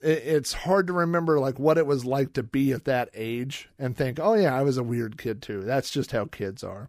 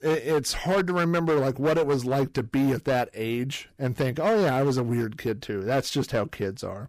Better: first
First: none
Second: distortion; slight; 11% of the sound clipped

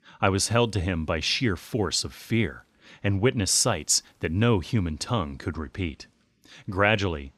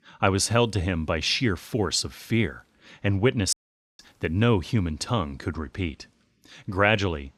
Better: first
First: none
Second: audio cutting out; at 3.5 s

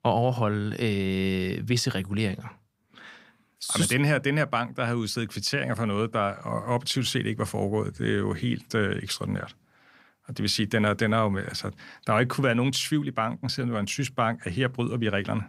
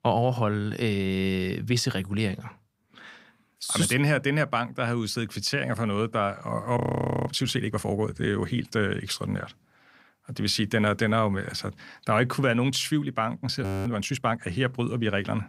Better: first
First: none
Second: audio freezing; at 7 s and at 14 s

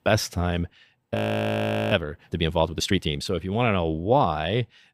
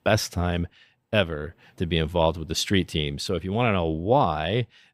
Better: second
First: audio freezing; at 1 s for 1 s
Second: none

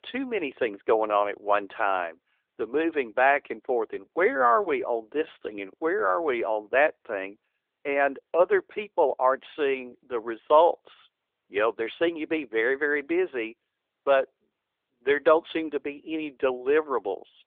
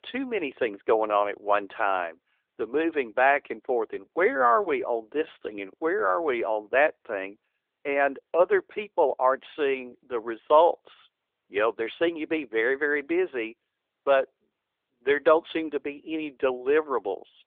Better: neither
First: phone-call audio; nothing above 3.5 kHz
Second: phone-call audio; nothing above 3.5 kHz

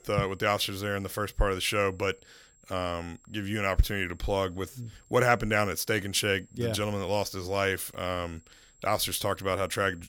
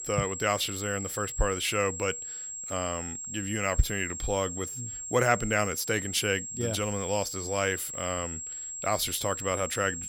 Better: first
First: high-pitched whine; faint; throughout; 7.5 kHz, 30 dB below the speech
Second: high-pitched whine; loud; throughout; 7.5 kHz, 5 dB below the speech

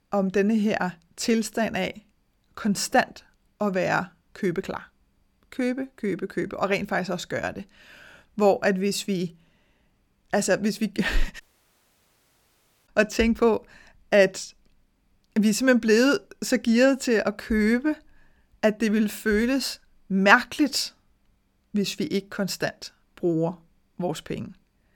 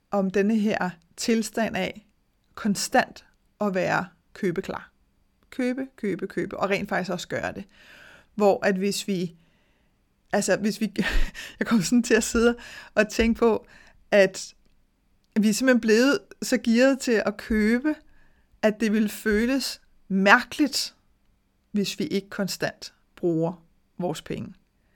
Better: second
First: audio cutting out; at 11 s for 1.5 s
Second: none

